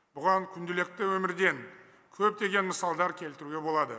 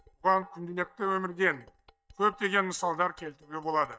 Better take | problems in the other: first | noise reduction (neural mask model DeepFilterNet 3)

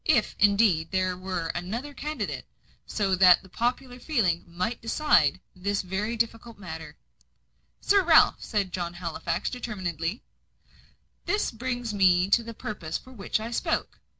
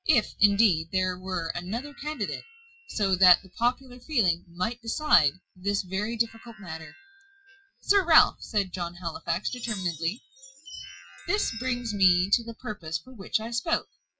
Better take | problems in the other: first | noise reduction (classical method Wiener filter)

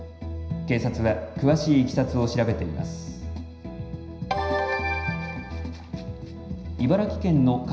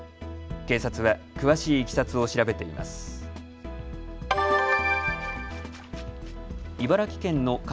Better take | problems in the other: second | room echo; dies away in 0.9 s

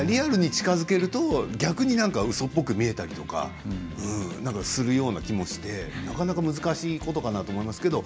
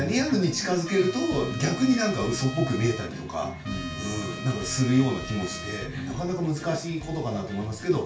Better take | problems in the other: first | background sound (Trumpet); 13 dB below the speech // room echo; dies away in 0.3 s

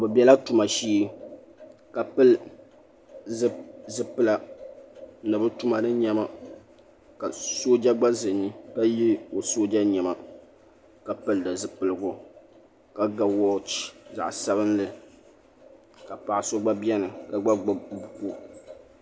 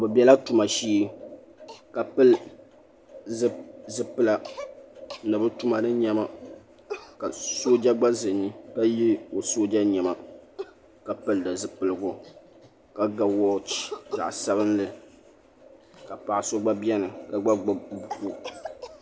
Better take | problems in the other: first | background sound (Cough); 19 dB below the speech

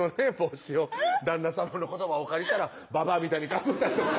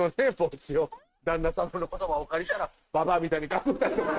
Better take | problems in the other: first | noise reduction (neural mask model RNNoise)

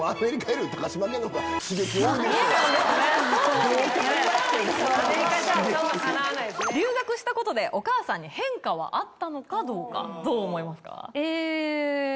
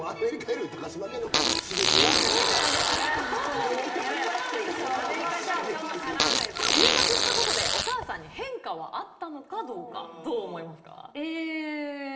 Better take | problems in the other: first | background sound (Fart); 5 dB above the speech // room echo; dies away in 0.9 s

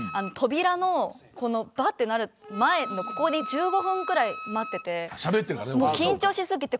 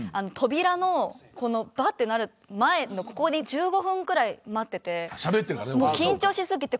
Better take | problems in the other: second | background sound (Wind instrument, woodwind instrument); 13 dB below the speech

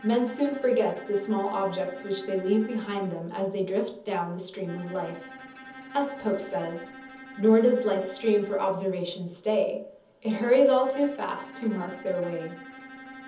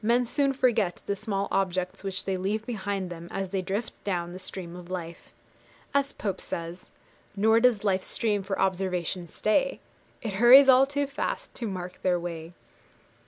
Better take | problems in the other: second | background sound (Bowed string instrument); 18 dB below the speech // room echo; dies away in 0.7 s

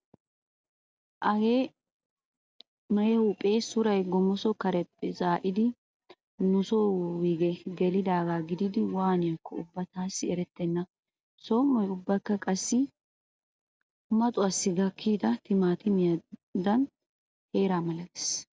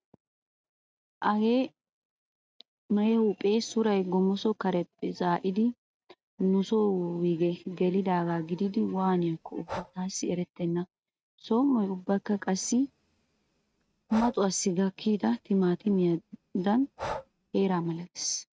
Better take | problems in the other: first | noise reduction (neural mask model RNNoise)

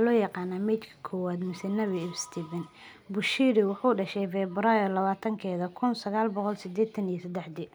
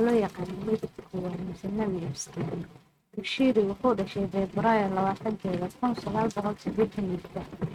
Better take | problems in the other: first | noise reduction (neural mask model RNNoise)

